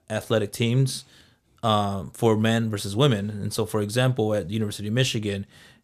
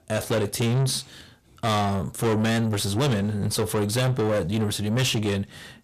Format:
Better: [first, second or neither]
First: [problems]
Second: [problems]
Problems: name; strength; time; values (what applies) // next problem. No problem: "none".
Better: first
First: none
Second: distortion; heavy; 7 dB below the speech